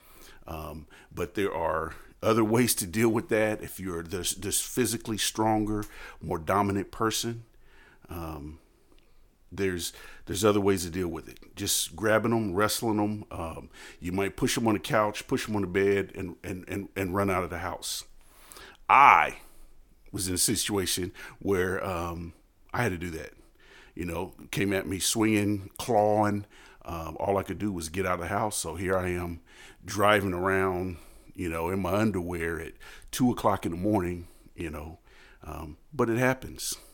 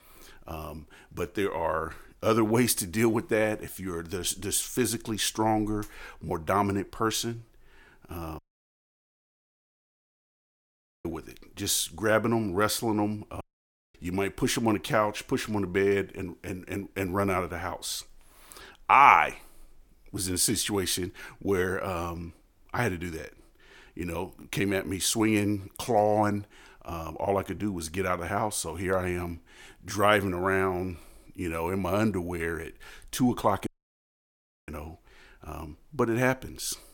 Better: first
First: none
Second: audio cutting out; at 8.5 s for 2.5 s, at 13 s for 0.5 s and at 34 s for 1 s

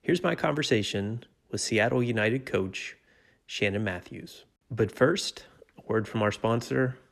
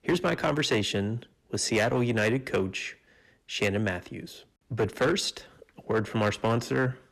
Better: first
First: none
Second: distortion; slight; 6% of the sound clipped

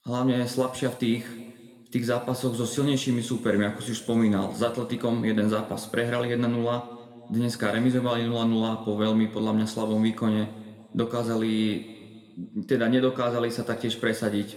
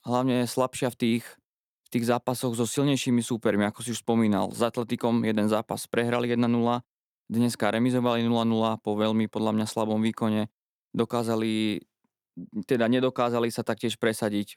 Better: second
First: room echo; noticeable; dies away in 1.6 s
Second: none

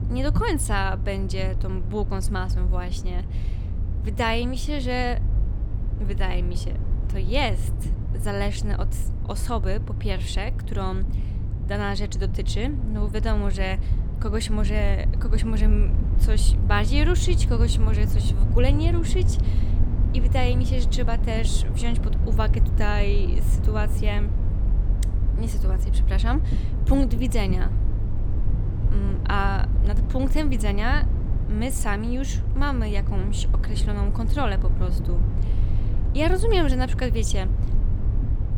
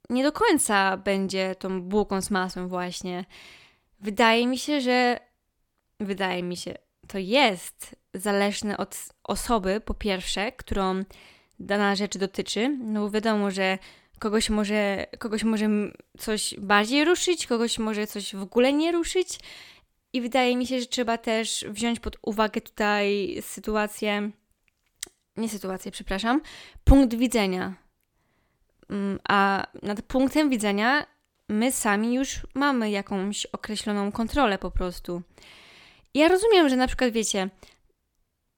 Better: second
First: low rumble; noticeable; throughout; 10 dB below the speech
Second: none

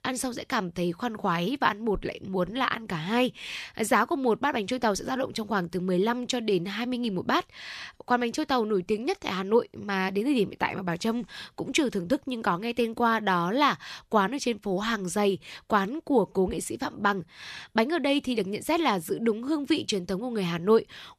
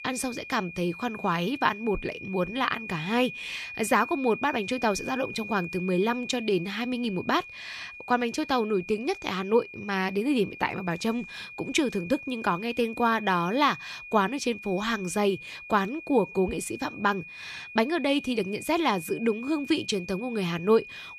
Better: first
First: none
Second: high-pitched whine; noticeable; throughout; 2.5 kHz, 10 dB below the speech

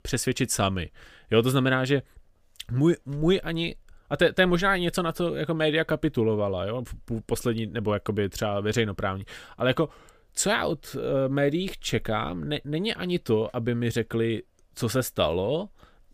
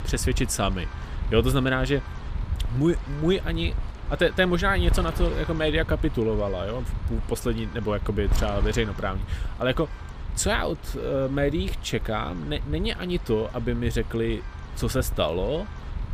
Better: first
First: none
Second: wind noise on the microphone; occasional gusts; 15 dB below the speech

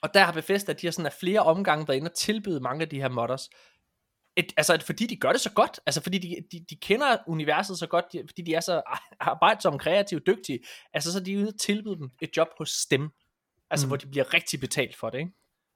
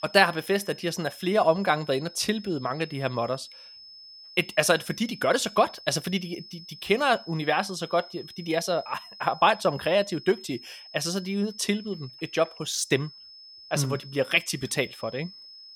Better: first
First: none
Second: high-pitched whine; noticeable; throughout; 5 kHz, 20 dB below the speech

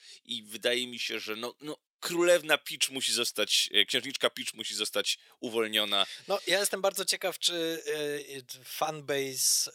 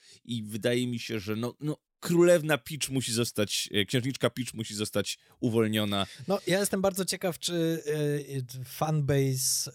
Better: second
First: thin; somewhat; fading below 450 Hz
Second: none

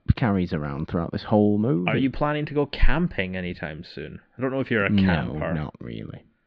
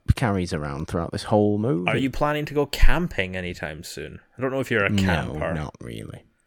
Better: second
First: muffled; very slightly; fading above 4 kHz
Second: none

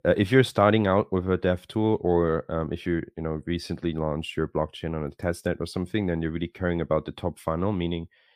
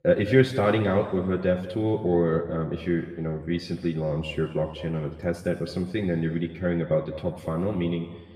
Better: first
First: none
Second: room echo; noticeable; dies away in 1.6 s // off-mic speech; somewhat distant

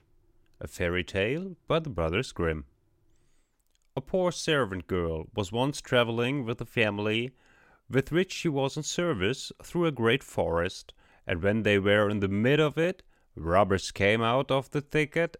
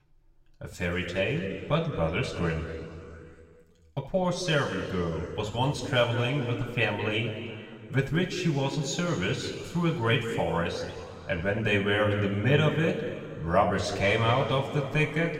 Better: first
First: none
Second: room echo; noticeable; dies away in 2.4 s // off-mic speech; somewhat distant

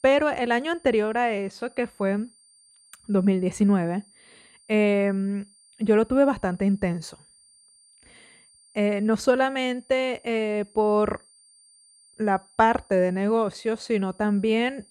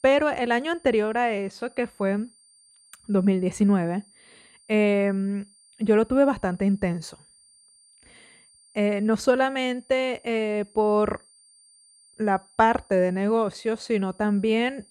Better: neither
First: high-pitched whine; faint; throughout; 9 kHz, 30 dB below the speech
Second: high-pitched whine; faint; throughout; 9 kHz, 30 dB below the speech

